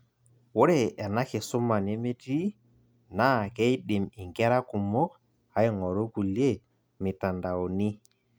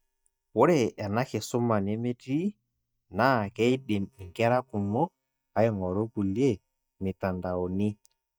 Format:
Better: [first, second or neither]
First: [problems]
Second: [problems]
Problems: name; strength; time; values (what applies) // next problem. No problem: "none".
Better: first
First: none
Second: noise reduction (neural mask model DeepFilterNet 3)